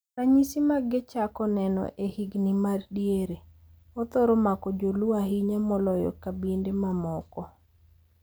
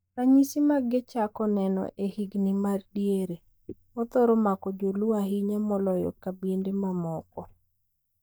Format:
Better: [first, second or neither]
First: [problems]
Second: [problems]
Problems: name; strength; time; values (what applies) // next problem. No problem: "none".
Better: first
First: none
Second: noise reduction (neural mask model DeepFilterNet 3)